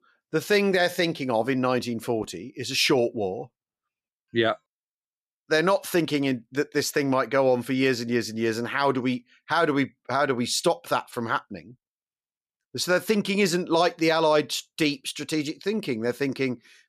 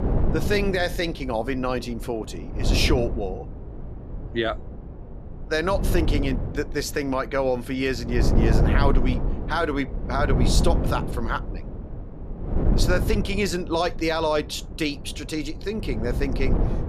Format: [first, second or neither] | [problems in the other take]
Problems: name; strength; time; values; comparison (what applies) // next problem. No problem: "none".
first | wind noise on the microphone; heavy; 9 dB below the speech